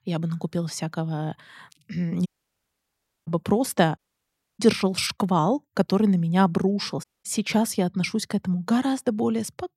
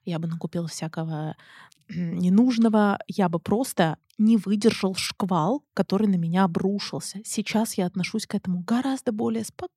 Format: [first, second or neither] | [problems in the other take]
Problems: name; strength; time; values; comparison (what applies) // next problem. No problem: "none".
second | audio cutting out; at 2.5 s for 1 s, at 4 s for 0.5 s and at 7 s